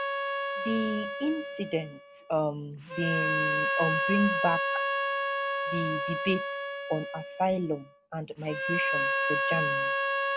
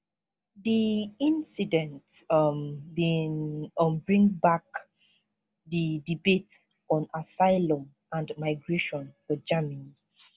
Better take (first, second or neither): second